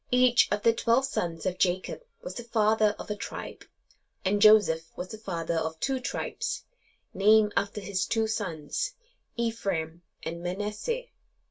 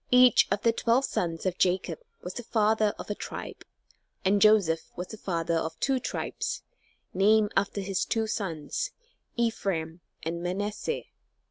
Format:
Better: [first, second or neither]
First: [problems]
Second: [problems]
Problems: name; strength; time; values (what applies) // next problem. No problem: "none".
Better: second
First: room echo; dies away in 0.1 s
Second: none